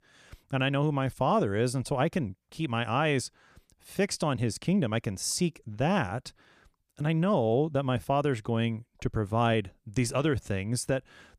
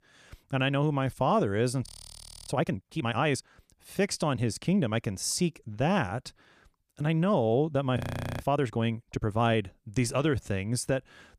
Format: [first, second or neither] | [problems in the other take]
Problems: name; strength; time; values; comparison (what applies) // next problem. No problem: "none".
first | audio freezing; at 2 s for 0.5 s and at 8 s